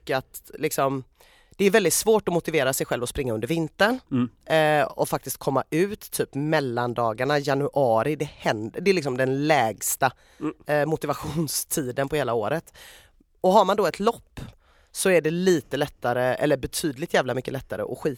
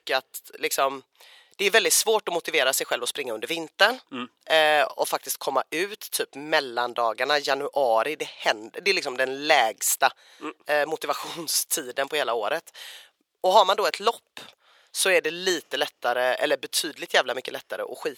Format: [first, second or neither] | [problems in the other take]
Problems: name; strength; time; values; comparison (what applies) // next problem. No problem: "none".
first | thin; very; fading below 550 Hz